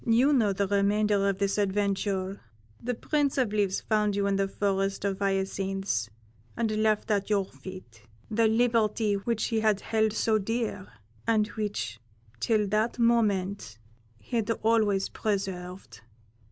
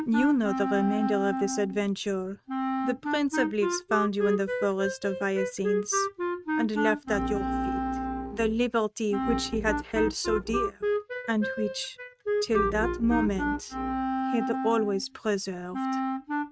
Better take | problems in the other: first | noise reduction (neural mask model RNNoise)

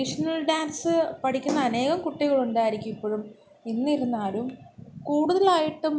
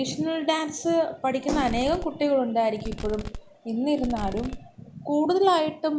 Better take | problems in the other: first | background sound (Fireworks); 11 dB below the speech

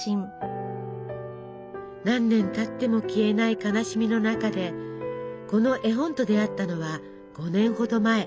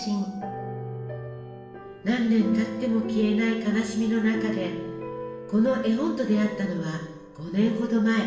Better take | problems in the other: first | room echo; dies away in 0.9 s

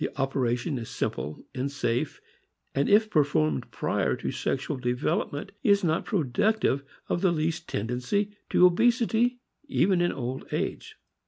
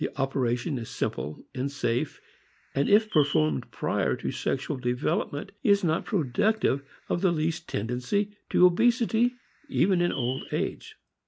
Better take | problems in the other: first | noise reduction (neural mask model Resemble Enhance denoiser)

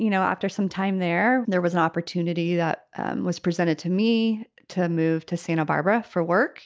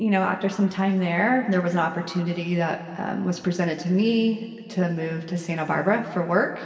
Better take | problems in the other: first | room echo; dies away in 2.3 s

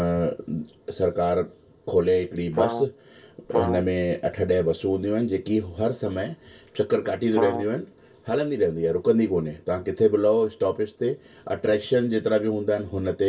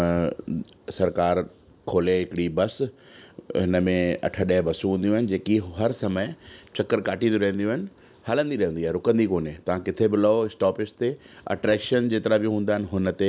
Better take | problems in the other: second | background sound (Brass instrument); 5 dB below the speech // room echo; dies away in 0.1 s

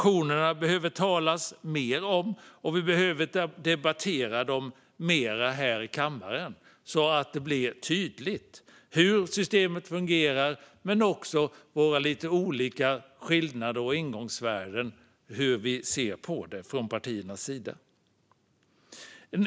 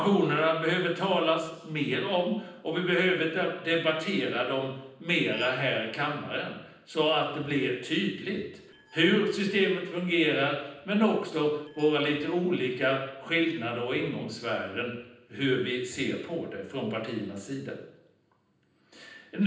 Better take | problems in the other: first | noise reduction (neural separator model SepFormer DNS4)

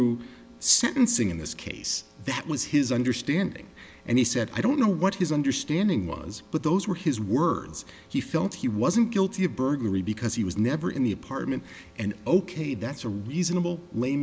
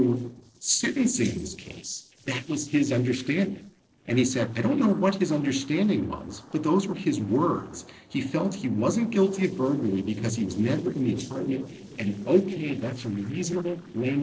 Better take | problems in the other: first | noise reduction (neural separator model SepFormer DNS4)

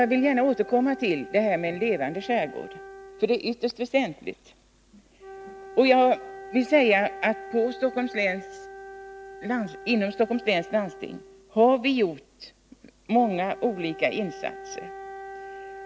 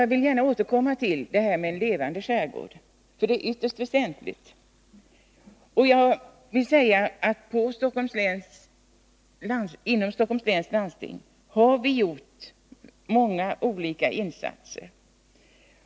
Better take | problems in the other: second | background sound (Wind instrument, woodwind instrument); 16 dB below the speech

